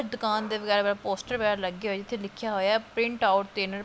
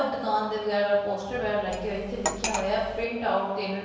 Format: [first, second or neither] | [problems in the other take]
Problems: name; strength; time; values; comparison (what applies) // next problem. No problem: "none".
first | background sound (Cutlery, silverware); 6 dB below the speech // room echo; dies away in 1.2 s